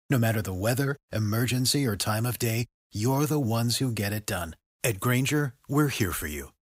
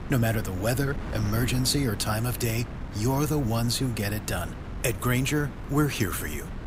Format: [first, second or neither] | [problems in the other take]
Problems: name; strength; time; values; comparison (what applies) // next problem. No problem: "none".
first | wind noise on the microphone; occasional gusts; 15 dB below the speech